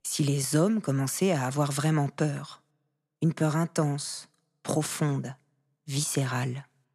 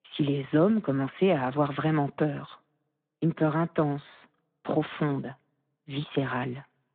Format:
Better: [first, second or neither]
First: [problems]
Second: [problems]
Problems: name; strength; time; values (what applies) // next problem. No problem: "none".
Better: first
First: none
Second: phone-call audio; nothing above 3.5 kHz